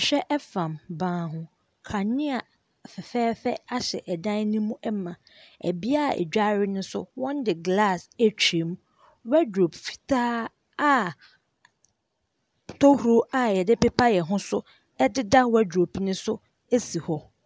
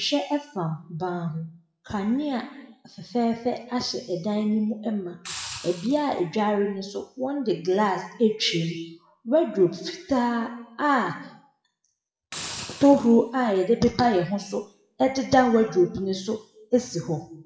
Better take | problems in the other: first | noise reduction (classical method WPE with log-MMSE)

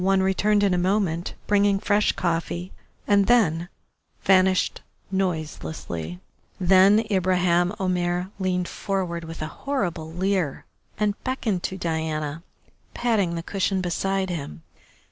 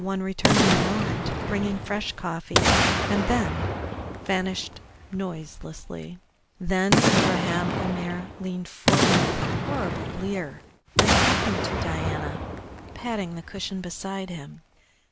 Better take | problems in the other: first | background sound (Boom); 4 dB above the speech

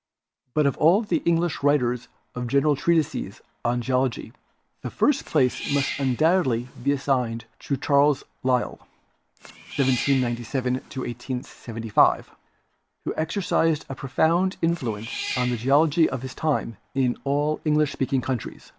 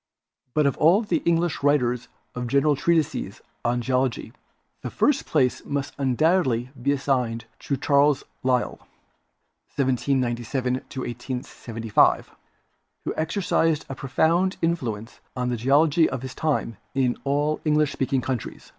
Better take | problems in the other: second | background sound (Cat); 14 dB below the speech

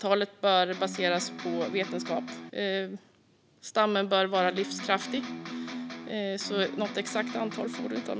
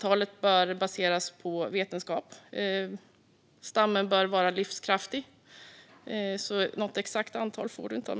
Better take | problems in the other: second | background sound (Electric guitar); 8 dB below the speech

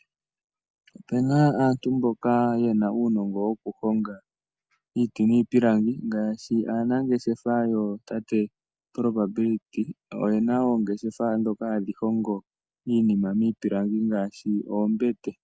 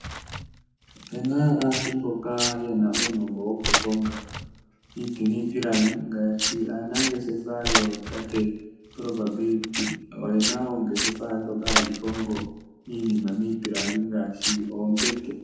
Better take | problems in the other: first | background sound (Tearing); 4 dB below the speech // room echo; dies away in 0.9 s

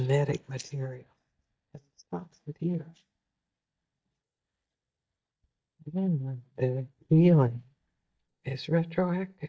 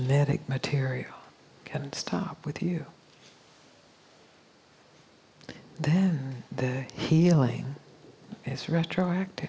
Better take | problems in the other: second | noise reduction (neural mask model DeepFilterNet 3)

